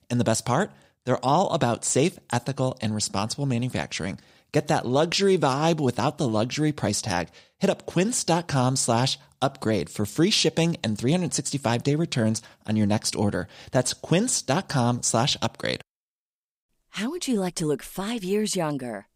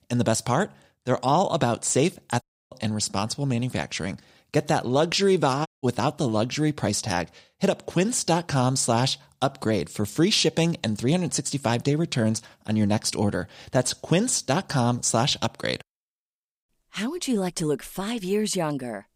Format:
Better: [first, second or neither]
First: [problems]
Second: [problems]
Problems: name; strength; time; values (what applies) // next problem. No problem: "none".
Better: first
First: none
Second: audio cutting out; at 2.5 s and at 5.5 s